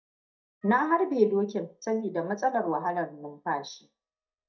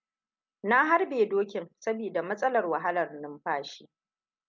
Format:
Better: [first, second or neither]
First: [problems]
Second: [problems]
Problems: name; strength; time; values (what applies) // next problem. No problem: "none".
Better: second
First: noise reduction (neural mask model DeepFilterNet 3)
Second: none